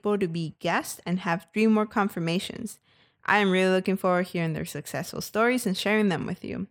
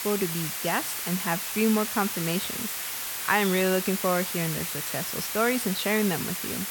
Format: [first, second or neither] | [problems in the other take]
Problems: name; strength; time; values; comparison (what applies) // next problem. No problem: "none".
first | hiss; loud; throughout; 2 dB below the speech